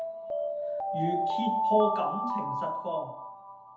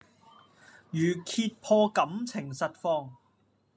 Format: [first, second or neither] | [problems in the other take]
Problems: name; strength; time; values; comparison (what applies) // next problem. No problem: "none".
second | background sound (Alarm); 2 dB above the speech // room echo; dies away in 0.7 s